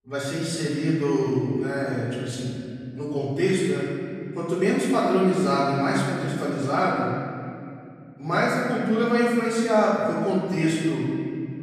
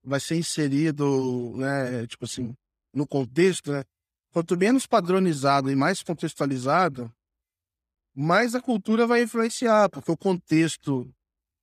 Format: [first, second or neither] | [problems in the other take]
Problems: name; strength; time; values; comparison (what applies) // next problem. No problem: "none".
second | off-mic speech; far // room echo; strong; dies away in 2.4 s